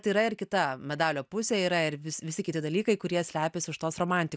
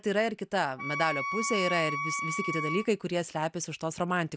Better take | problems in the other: first | background sound (Wind instrument, woodwind instrument); 4 dB below the speech

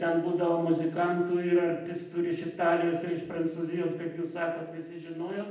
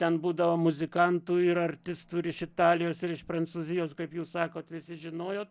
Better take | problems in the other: second | room echo; dies away in 0.8 s

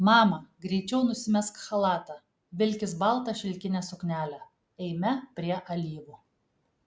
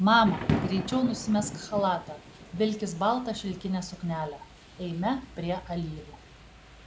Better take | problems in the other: first | background sound (Thunder / Rain); 9 dB below the speech

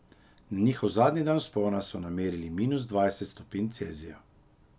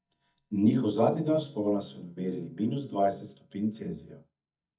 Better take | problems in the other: first | noise reduction (neural mask model DeepFilterNet 3)

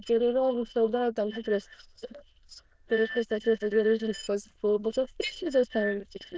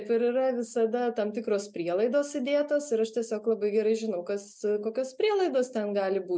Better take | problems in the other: second | noise reduction (neural diffusion model UNIVERSE++)

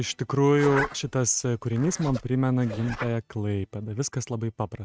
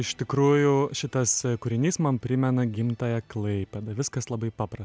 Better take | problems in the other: second | noise reduction (neural mask model RNNoise)

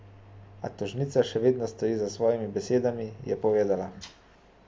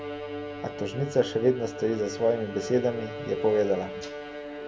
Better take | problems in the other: first | background sound (Bowed string instrument); 9 dB below the speech

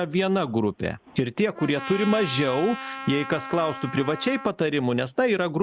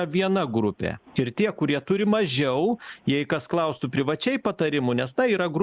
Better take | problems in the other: second | background sound (Trumpet); 12 dB below the speech

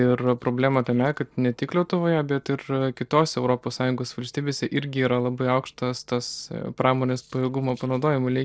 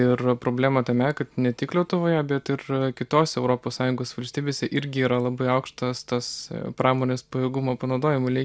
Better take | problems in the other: second | noise reduction (neural separator model SepFormer DNS4)

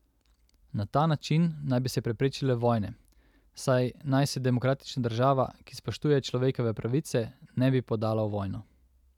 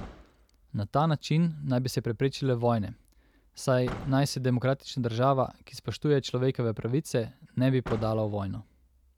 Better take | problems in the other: first | background sound (Slam / Car); 19 dB below the speech

